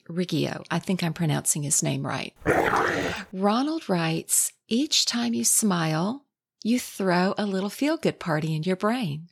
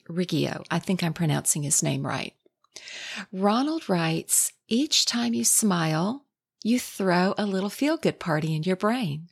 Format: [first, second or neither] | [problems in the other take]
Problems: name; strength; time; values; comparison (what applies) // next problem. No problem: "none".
second | dog barking; loud; at 2.5 s; peak 3 dB above the speech